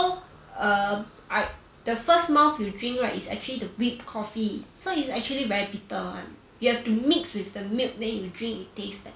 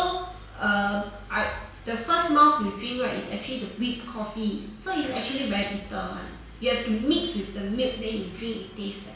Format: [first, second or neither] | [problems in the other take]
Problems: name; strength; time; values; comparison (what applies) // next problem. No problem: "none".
first | background sound (Engine starting / Car); 18 dB below the speech // room echo; dies away in 0.7 s